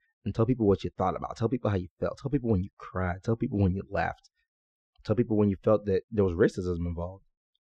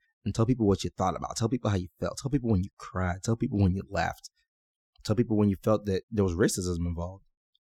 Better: second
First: muffled; very; fading above 2.5 kHz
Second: none

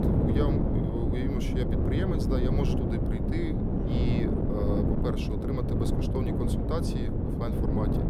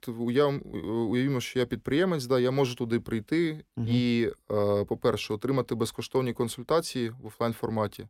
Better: second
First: wind noise on the microphone; heavy; 3 dB above the speech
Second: none

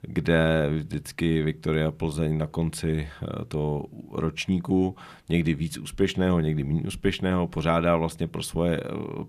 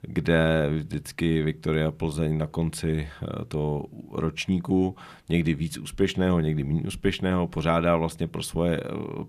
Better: neither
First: none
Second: none

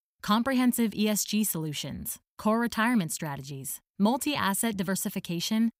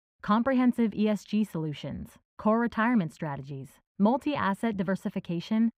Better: first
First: none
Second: muffled; very; fading above 4 kHz

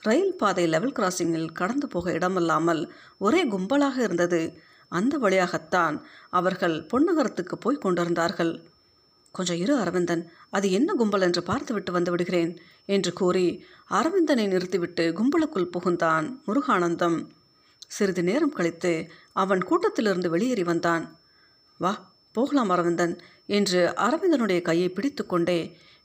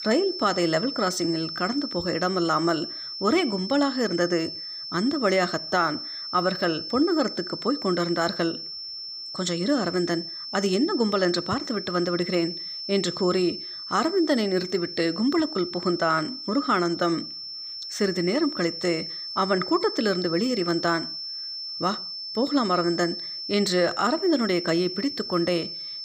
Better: first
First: high-pitched whine; faint; throughout; 5.5 kHz, 35 dB below the speech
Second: high-pitched whine; loud; throughout; 5.5 kHz, 7 dB below the speech

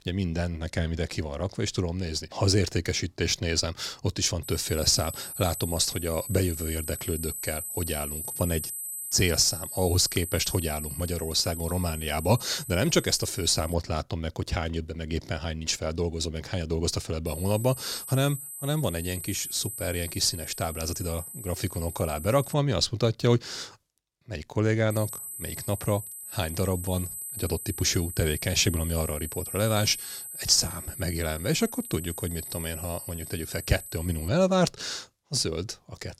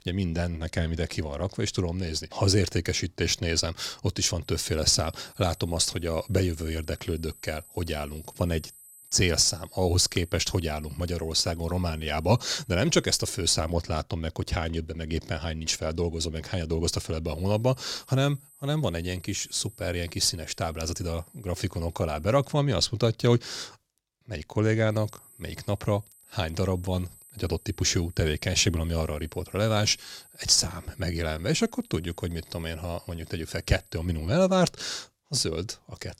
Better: second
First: high-pitched whine; loud; from 4.5 to 14 s, from 17 to 23 s and from 25 to 34 s; 8 kHz, 8 dB below the speech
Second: high-pitched whine; faint; from 4.5 to 14 s, from 17 to 23 s and from 25 to 34 s; 8 kHz, 25 dB below the speech

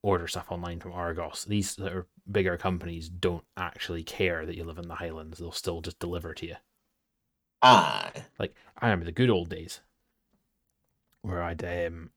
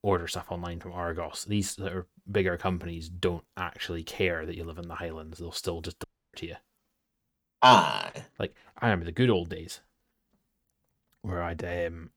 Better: first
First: none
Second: audio cutting out; at 6 s

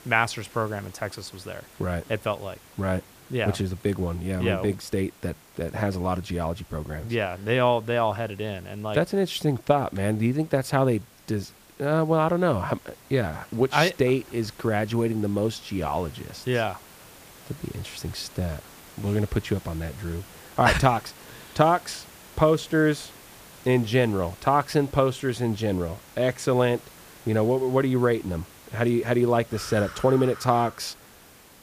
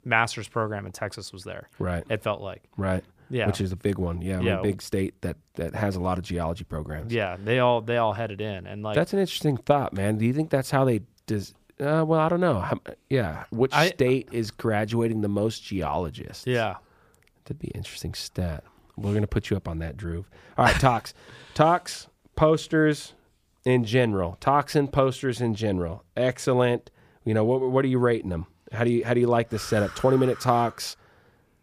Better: second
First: hiss; faint; throughout; 20 dB below the speech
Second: none

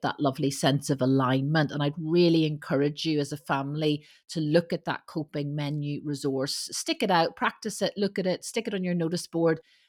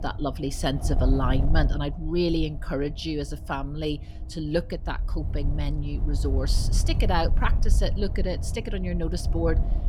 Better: first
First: none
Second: wind noise on the microphone; occasional gusts; 15 dB below the speech

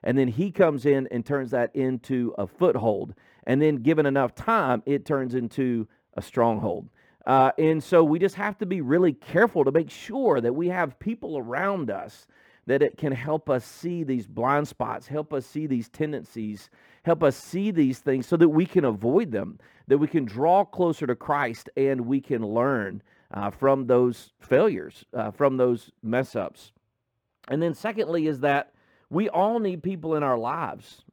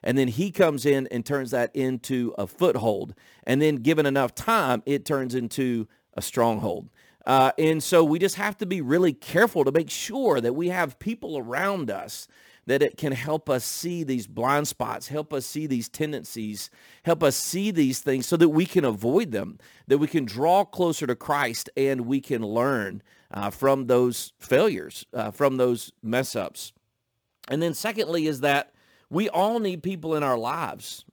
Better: second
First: muffled; very; fading above 3 kHz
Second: none

